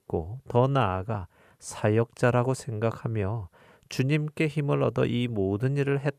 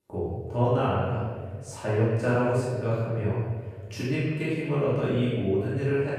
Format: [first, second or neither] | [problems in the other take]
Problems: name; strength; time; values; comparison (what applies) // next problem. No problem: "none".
first | off-mic speech; far // room echo; strong; dies away in 1.5 s